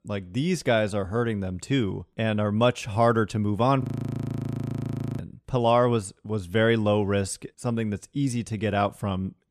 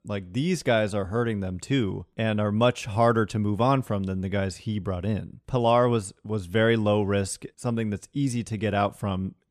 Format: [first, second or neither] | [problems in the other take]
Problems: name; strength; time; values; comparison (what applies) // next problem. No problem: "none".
second | audio freezing; at 4 s for 1.5 s